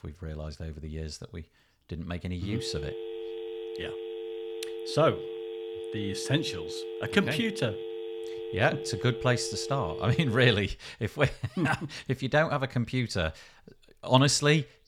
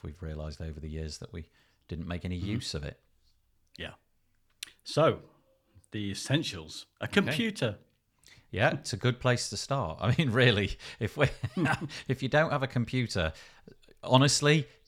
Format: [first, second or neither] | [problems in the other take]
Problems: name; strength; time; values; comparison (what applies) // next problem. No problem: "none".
second | phone ringing; noticeable; from 2.5 to 11 s; peak 9 dB below the speech